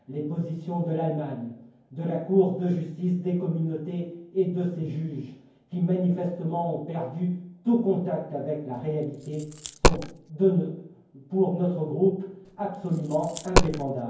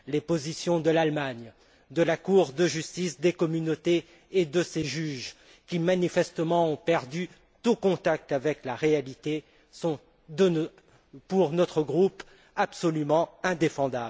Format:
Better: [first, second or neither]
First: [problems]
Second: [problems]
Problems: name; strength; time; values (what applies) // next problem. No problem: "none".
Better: second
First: background sound (Coin (dropping)); 1 dB above the speech // room echo; dies away in 0.9 s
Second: none